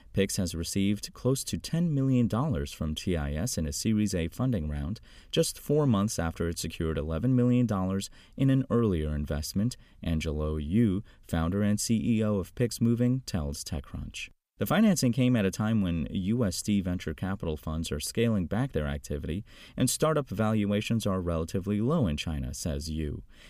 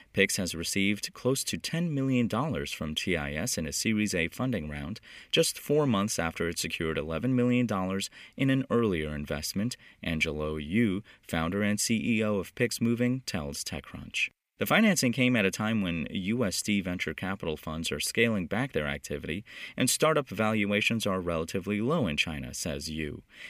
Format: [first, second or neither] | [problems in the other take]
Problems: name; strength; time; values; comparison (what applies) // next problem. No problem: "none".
first | thin; very slightly; fading below 250 Hz